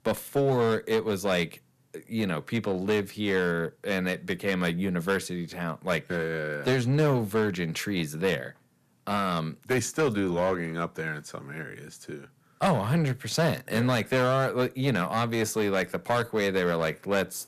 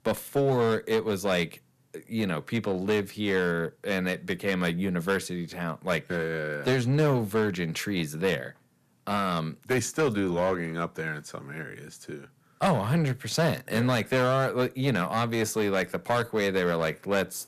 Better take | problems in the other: neither | distortion; slight; 6% of the sound clipped; the same in both

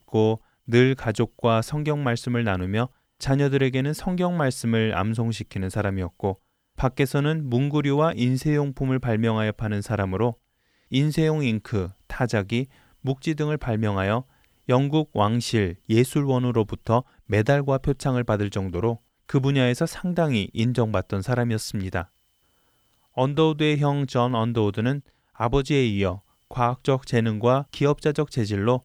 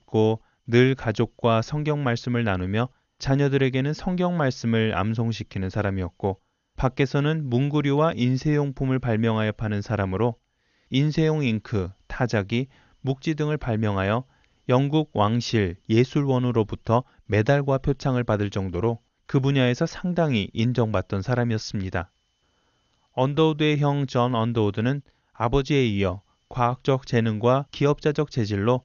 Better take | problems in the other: first | garbled, watery; slightly; nothing above 6.5 kHz

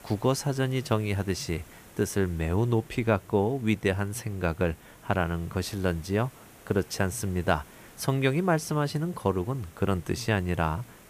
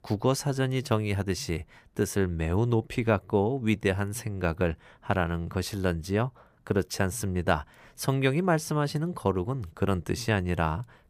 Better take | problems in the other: second | hiss; faint; throughout; 25 dB below the speech

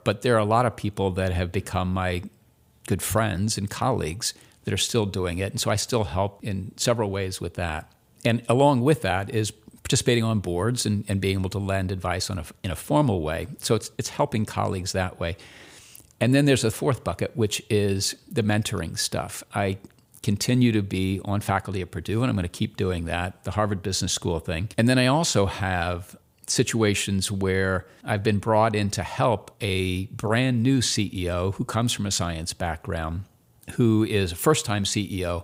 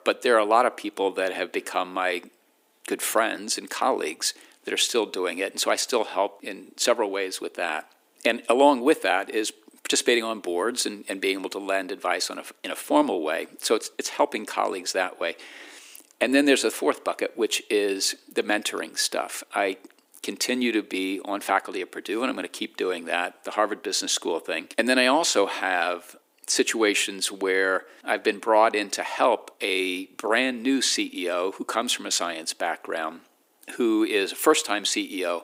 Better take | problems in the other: first | thin; somewhat; fading below 300 Hz

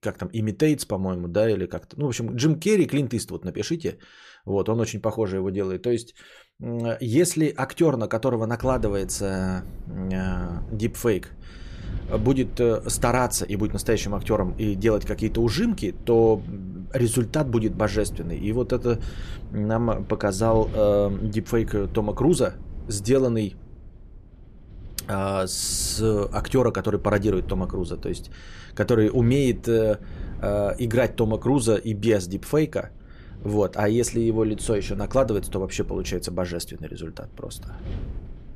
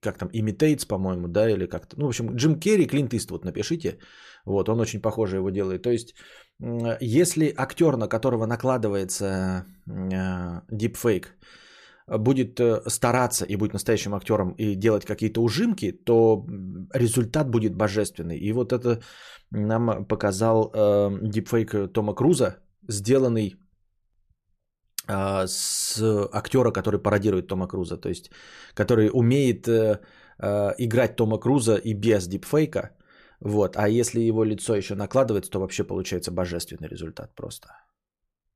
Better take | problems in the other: second | wind noise on the microphone; occasional gusts; from 8.5 s on; 25 dB below the speech

